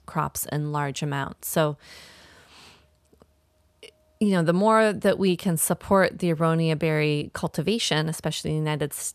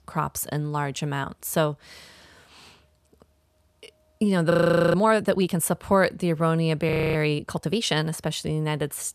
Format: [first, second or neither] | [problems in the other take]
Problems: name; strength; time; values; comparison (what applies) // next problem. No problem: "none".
first | audio freezing; at 4.5 s and at 7 s